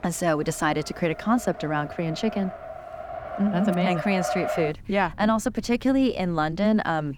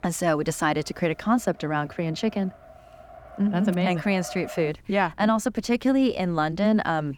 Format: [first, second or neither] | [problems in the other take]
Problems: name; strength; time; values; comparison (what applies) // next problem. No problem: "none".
second | traffic noise; loud; throughout; 9 dB below the speech; faint in the second